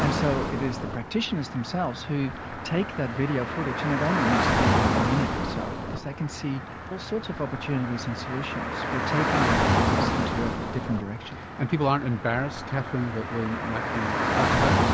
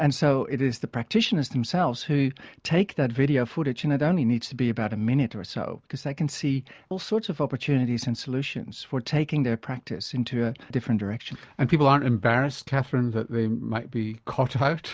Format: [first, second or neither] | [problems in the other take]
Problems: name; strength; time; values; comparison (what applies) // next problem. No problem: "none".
second | background sound (Traffic noise, roadway noise / Car); 2 dB above the speech